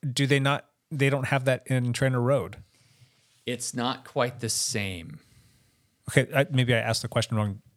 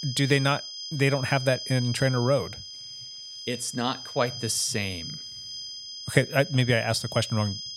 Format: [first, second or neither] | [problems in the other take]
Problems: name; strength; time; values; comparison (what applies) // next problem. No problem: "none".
first | high-pitched whine; loud; throughout; 5 kHz, 10 dB below the speech